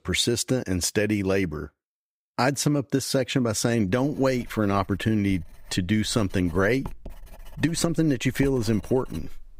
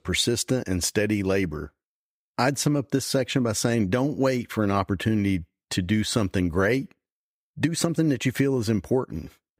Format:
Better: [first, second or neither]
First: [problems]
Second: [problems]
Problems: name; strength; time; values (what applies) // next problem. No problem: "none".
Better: second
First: household noises; faint; from 4 s on; 20 dB below the speech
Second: none